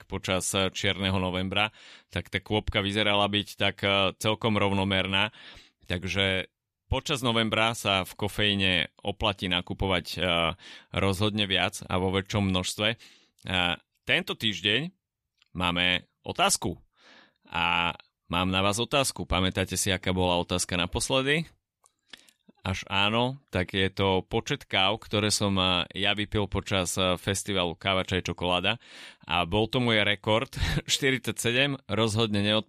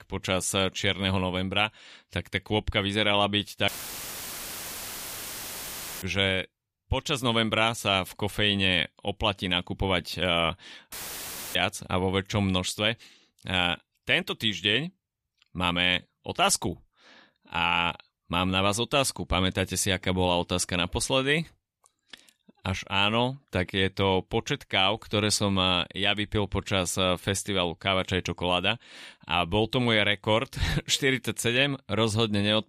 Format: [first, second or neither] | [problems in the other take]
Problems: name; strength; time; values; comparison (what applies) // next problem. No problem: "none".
first | audio cutting out; filled with static; at 3.5 s for 2.5 s and at 11 s for 0.5 s